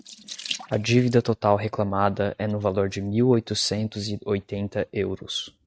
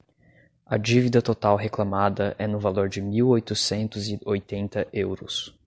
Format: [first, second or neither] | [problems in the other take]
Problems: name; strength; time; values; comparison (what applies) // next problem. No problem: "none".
second | noise reduction (neural mask model RNNoise)